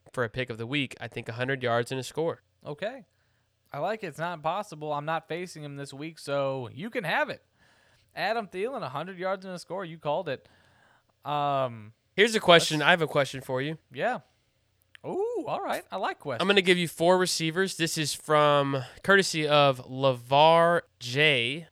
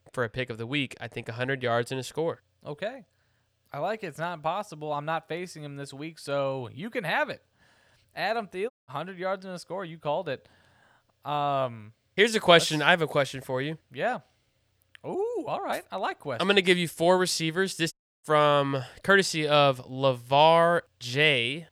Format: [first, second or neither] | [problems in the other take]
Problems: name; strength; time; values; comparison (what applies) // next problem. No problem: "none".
first | audio cutting out; at 8.5 s and at 18 s